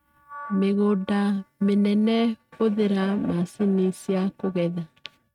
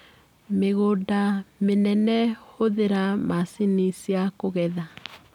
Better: second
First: noise reduction (neural mask model RNNoise)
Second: none

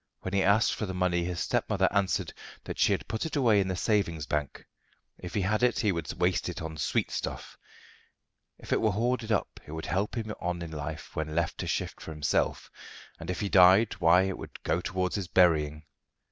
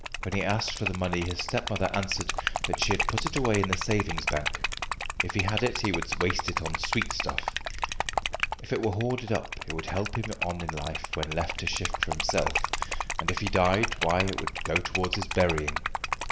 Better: first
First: none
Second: background sound (Liquid); 1 dB below the speech // room echo; dies away in 1.6 s

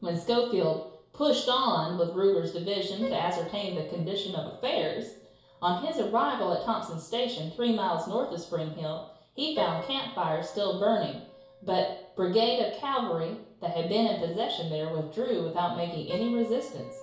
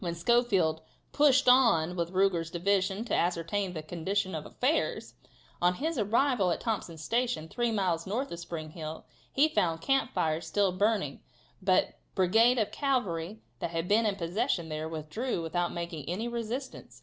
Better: second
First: background sound (Piano); 17 dB below the speech // room echo; dies away in 0.6 s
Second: none

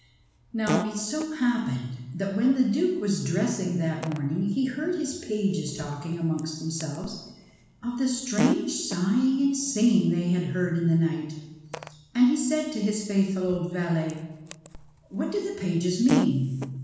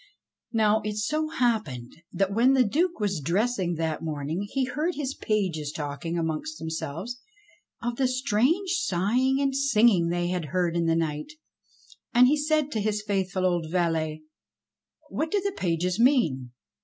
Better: second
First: background sound (Fart); 13 dB below the speech // room echo; dies away in 1.1 s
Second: none

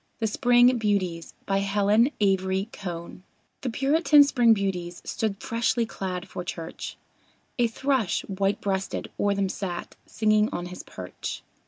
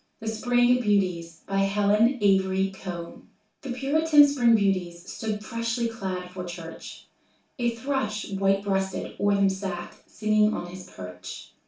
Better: first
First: none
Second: room echo; dies away in 0.3 s

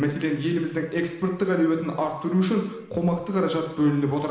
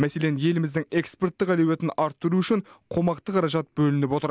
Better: second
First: room echo; dies away in 1.1 s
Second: none

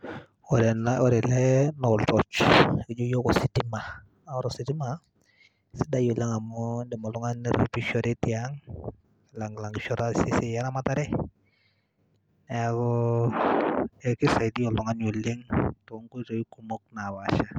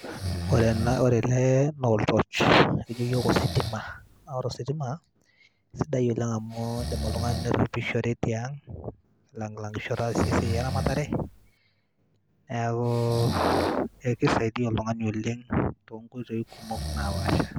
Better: first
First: none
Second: background sound (Breathing); 9 dB below the speech

